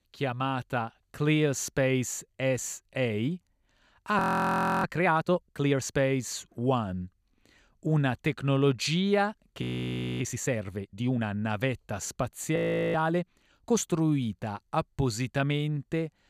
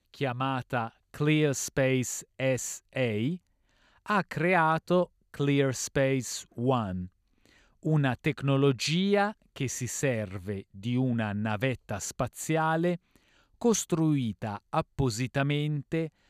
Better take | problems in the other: second | audio freezing; at 4 s for 0.5 s, at 9.5 s for 0.5 s and at 13 s

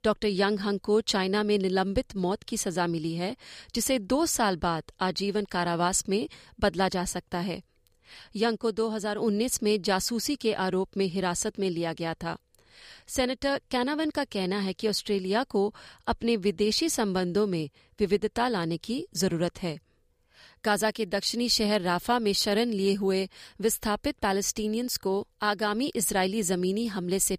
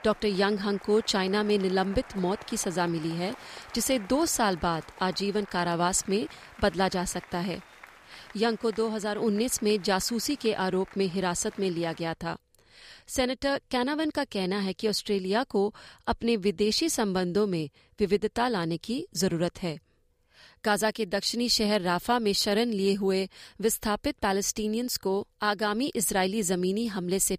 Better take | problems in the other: first | crowd noise; faint; until 12 s; 20 dB below the speech

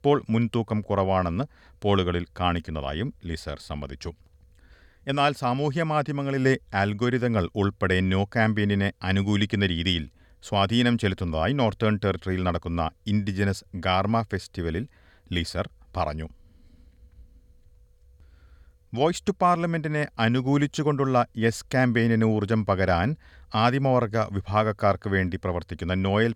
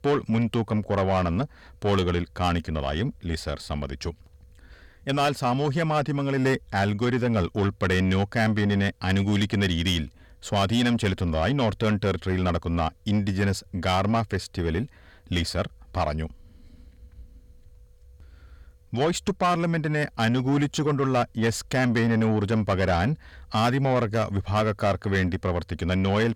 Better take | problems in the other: first | distortion; slight; 10 dB below the speech

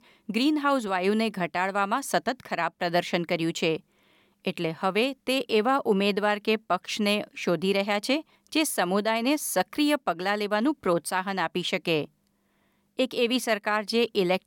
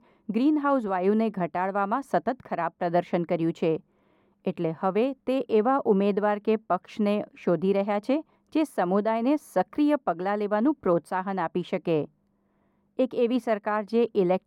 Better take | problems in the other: first | muffled; very; fading above 2 kHz

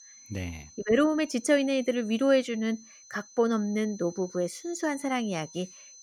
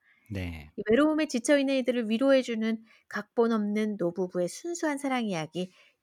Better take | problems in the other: second | high-pitched whine; faint; throughout; 6 kHz, 20 dB below the speech

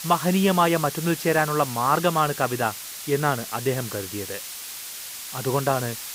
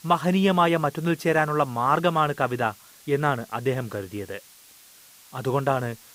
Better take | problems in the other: second | hiss; loud; throughout; 9 dB below the speech; faint in the second

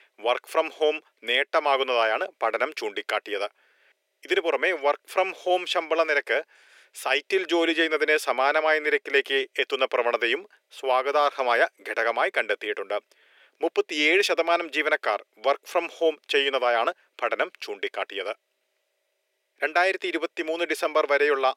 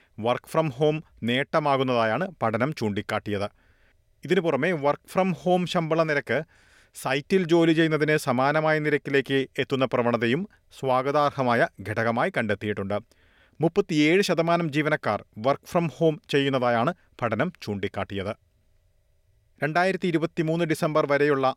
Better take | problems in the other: second | thin; very; fading below 350 Hz

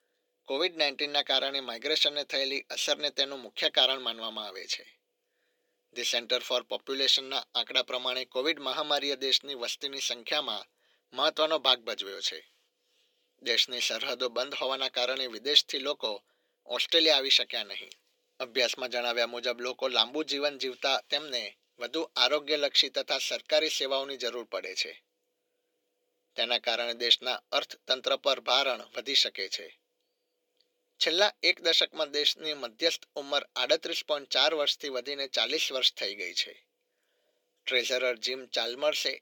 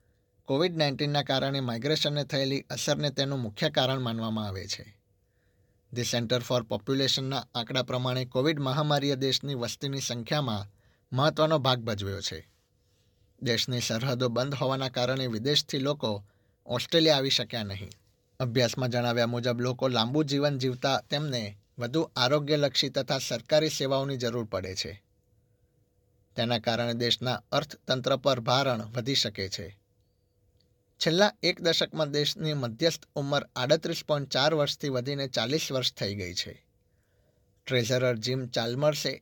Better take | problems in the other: second | thin; somewhat; fading below 350 Hz

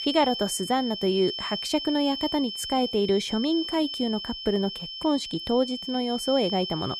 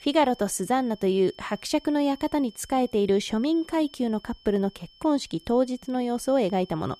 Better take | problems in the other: second | high-pitched whine; loud; throughout; 3 kHz, 6 dB below the speech; faint in the second

